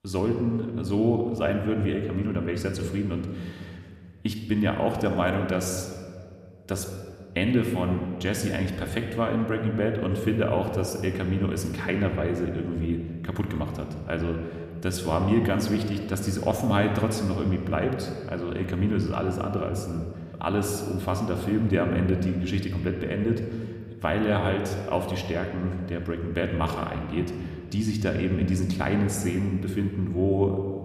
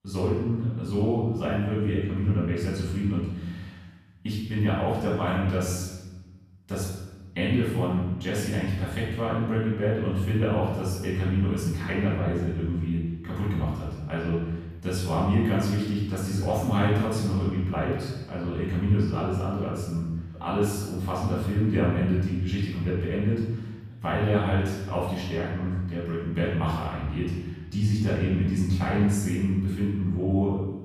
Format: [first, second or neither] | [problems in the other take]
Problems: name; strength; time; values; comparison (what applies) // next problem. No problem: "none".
first | room echo; strong; dies away in 1.2 s; slight in the first // off-mic speech; far